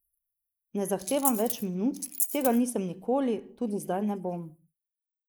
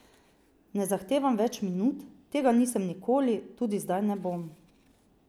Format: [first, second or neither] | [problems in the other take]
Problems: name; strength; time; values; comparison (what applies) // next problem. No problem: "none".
second | noise reduction (neural mask model Resemble Enhance denoiser)